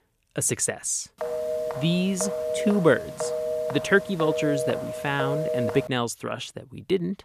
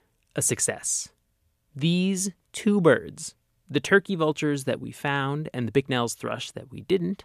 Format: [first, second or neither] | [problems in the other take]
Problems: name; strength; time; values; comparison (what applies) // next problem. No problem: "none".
second | phone ringing; noticeable; from 1 to 6 s; peak 2 dB below the speech